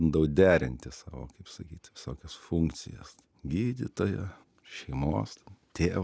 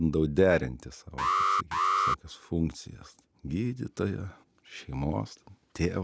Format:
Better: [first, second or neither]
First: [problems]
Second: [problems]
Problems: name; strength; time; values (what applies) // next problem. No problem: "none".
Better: first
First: none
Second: background sound (Alarm); 2 dB above the speech